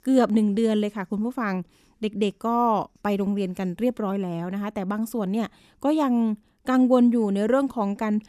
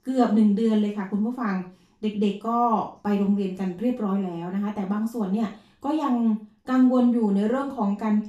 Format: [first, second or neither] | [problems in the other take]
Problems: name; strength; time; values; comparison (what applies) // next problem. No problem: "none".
first | room echo; slight; dies away in 0.3 s // off-mic speech; far